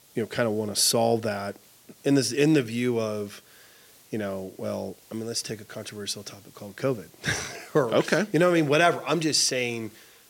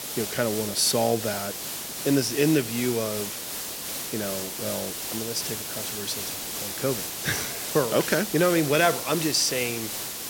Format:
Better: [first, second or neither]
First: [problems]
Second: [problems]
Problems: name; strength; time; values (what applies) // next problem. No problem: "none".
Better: first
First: hiss; faint; throughout; 25 dB below the speech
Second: hiss; loud; throughout; 4 dB below the speech